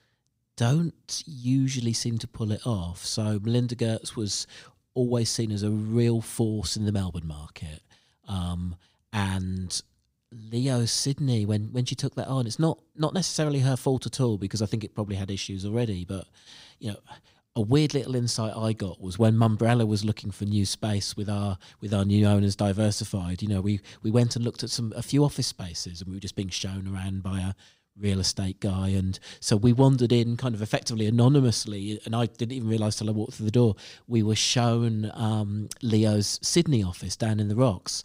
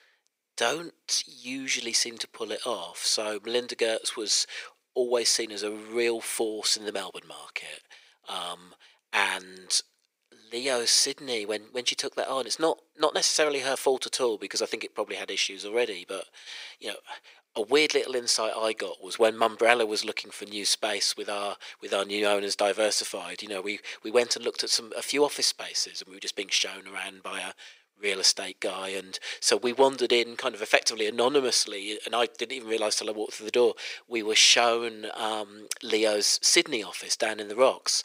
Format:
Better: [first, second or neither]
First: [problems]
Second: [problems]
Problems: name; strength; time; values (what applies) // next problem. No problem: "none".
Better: first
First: none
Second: thin; very; fading below 450 Hz